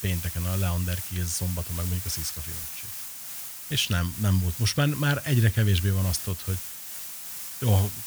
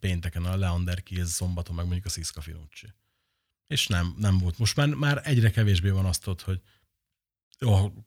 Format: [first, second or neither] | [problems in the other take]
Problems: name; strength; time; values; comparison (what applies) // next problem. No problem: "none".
second | hiss; loud; throughout; 6 dB below the speech